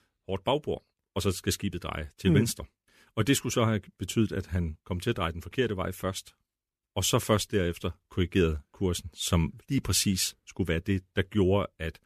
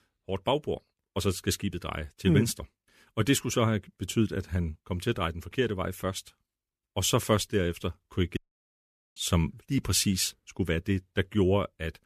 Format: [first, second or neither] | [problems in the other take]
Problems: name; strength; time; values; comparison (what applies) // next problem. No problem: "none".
first | audio cutting out; at 8.5 s for 1 s